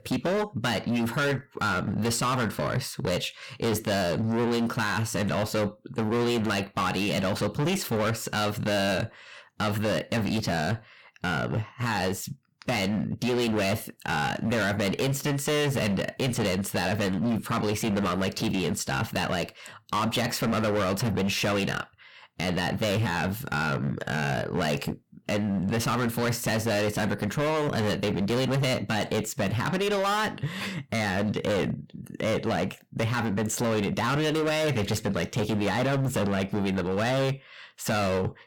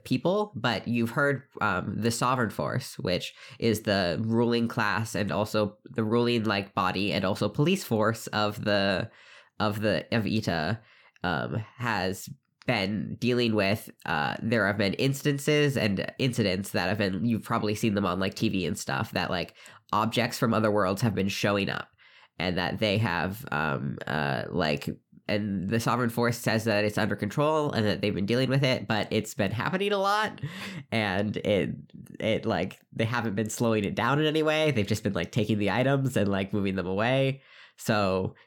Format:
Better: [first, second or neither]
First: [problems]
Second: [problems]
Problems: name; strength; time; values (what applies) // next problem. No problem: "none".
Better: second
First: distortion; heavy; 24% of the sound clipped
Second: none